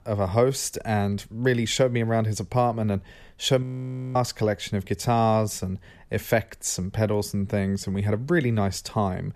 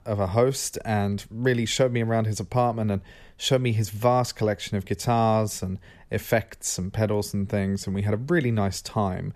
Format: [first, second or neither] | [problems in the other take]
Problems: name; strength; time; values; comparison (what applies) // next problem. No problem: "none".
second | audio freezing; at 3.5 s for 0.5 s